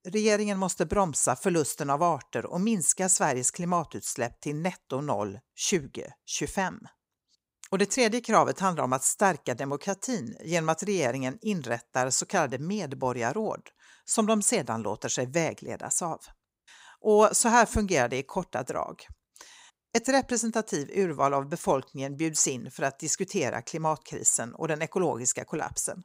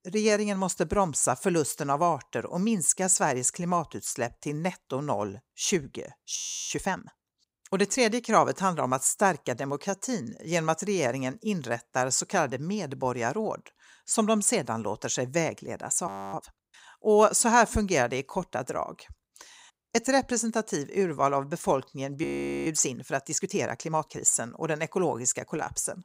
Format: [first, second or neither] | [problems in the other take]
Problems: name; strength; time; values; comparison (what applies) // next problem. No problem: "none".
first | audio freezing; at 6.5 s, at 16 s and at 22 s